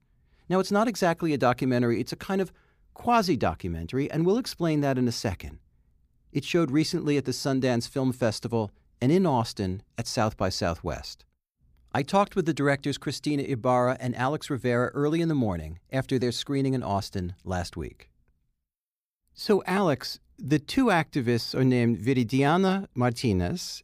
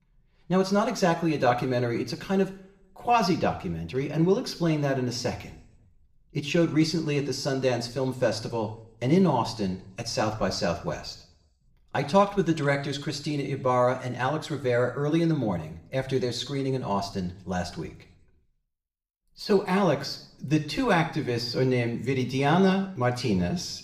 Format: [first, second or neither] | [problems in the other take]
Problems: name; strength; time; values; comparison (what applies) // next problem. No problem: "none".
first | room echo; slight; dies away in 0.5 s // off-mic speech; somewhat distant